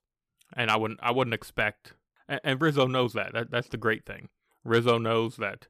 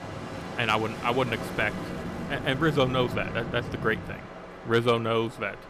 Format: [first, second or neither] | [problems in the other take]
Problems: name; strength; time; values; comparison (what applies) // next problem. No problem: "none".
first | train or aircraft noise; loud; throughout; 9 dB below the speech